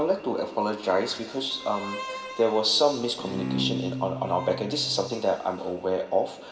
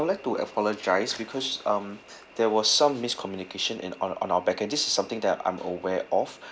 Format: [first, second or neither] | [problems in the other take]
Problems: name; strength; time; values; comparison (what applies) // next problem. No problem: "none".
second | background sound (Bowed string instrument); 7 dB below the speech // room echo; dies away in 1.7 s